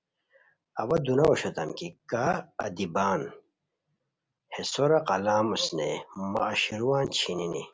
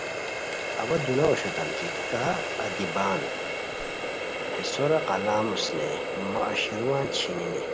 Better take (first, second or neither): first